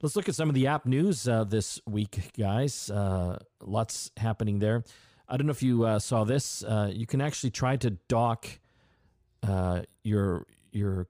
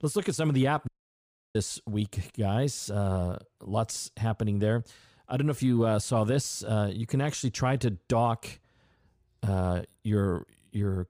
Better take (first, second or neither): first